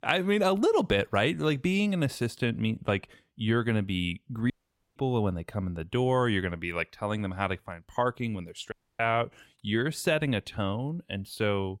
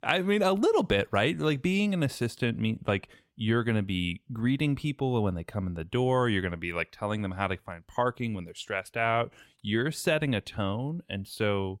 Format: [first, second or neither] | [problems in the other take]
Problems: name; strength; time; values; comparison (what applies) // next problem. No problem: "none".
second | audio cutting out; at 4.5 s and at 8.5 s